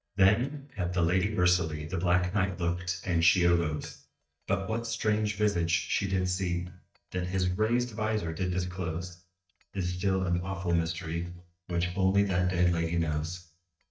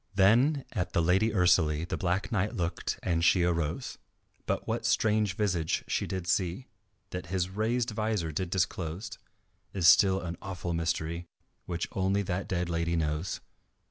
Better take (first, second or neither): second